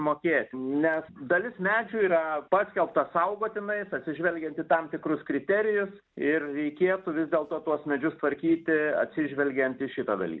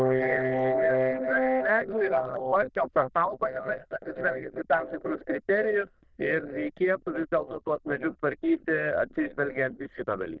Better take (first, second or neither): first